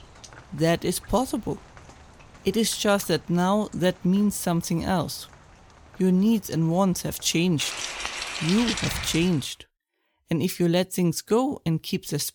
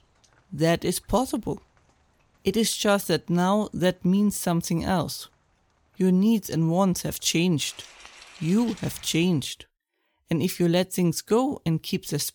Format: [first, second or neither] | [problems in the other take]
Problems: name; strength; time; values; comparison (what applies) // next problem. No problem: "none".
second | rain or running water; loud; until 9 s; 7 dB below the speech; faint in the second